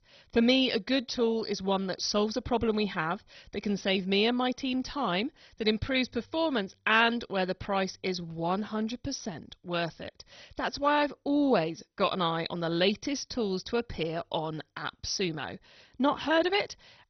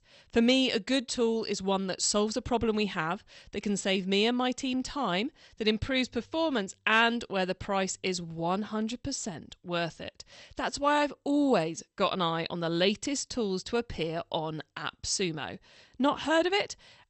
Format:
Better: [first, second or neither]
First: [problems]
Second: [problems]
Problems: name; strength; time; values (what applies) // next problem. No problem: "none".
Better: second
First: garbled, watery; badly; nothing above 6 kHz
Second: garbled, watery; slightly; nothing above 8 kHz